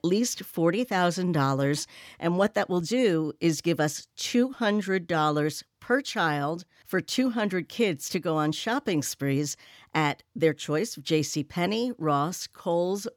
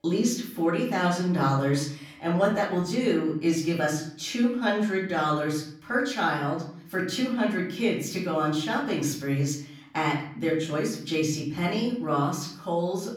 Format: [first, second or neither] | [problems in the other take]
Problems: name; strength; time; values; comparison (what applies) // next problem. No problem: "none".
first | off-mic speech; far // room echo; slight; dies away in 0.6 s